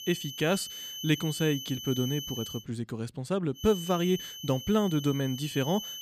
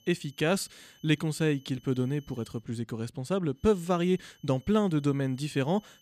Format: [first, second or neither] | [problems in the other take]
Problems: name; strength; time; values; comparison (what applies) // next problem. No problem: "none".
second | high-pitched whine; loud; until 2.5 s and from 3.5 s on; 3 kHz, 8 dB below the speech; faint in the second